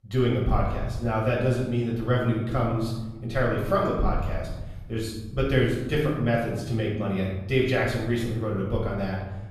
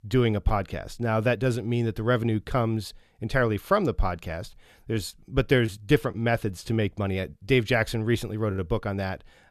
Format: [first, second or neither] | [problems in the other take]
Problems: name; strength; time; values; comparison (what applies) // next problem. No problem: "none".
second | off-mic speech; far // room echo; noticeable; dies away in 1.2 s